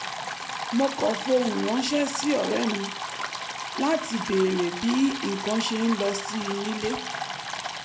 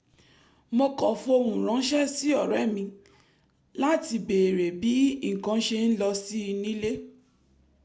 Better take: second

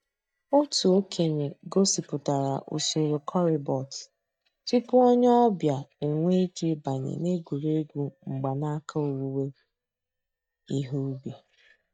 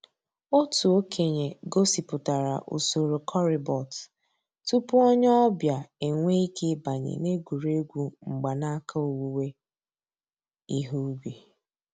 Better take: second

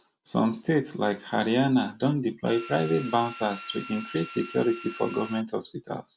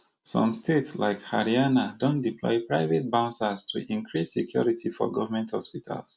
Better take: second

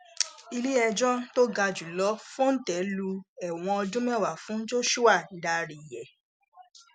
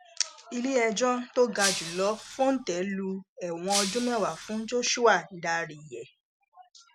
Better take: first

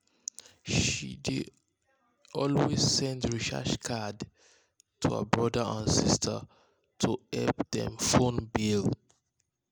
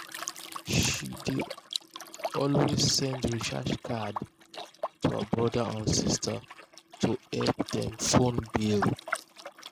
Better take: first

